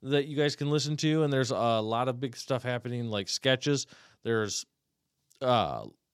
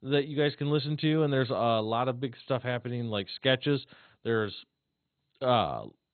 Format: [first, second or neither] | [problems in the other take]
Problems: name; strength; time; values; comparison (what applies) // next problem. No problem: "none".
first | garbled, watery; badly; nothing above 4 kHz